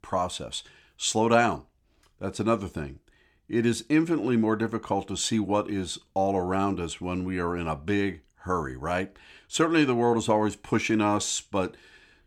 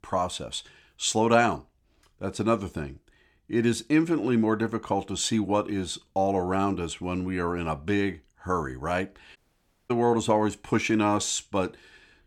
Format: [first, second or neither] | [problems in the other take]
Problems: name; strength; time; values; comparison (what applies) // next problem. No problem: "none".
first | audio cutting out; at 9.5 s for 0.5 s